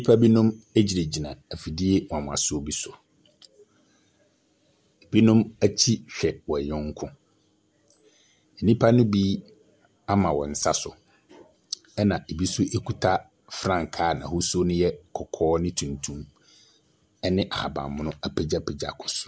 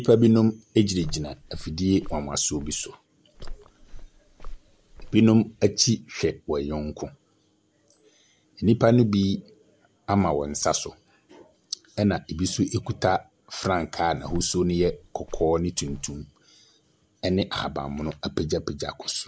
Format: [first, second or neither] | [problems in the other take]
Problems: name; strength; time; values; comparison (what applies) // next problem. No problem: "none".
first | background sound (Walk, footsteps); 13 dB below the speech